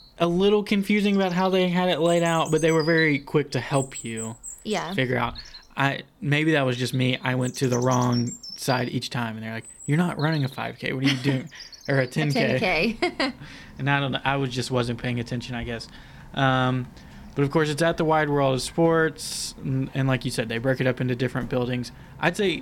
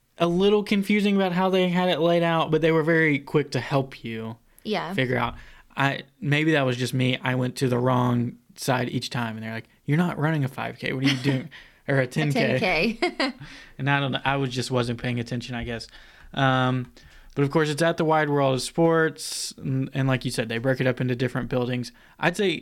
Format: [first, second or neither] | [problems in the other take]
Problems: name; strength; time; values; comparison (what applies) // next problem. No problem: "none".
second | animal sounds; noticeable; throughout; 15 dB below the speech